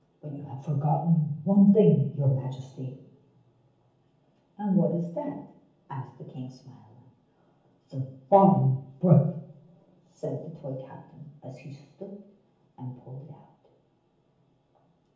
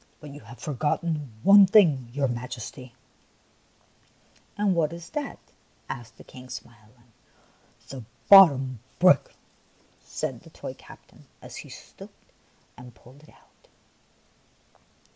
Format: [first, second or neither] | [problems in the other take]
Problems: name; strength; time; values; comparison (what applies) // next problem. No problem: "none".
second | room echo; dies away in 0.7 s